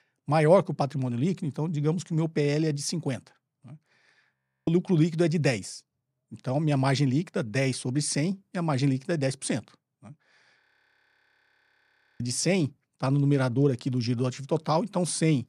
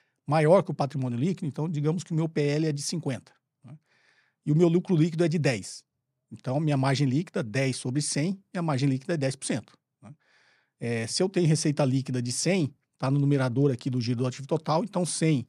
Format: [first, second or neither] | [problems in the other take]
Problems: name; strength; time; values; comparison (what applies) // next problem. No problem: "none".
second | audio freezing; at 4.5 s and at 11 s for 1.5 s